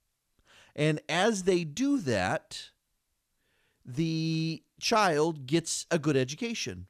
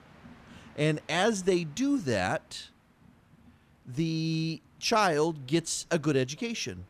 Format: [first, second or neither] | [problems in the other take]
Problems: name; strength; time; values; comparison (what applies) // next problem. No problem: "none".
first | train or aircraft noise; faint; throughout; 30 dB below the speech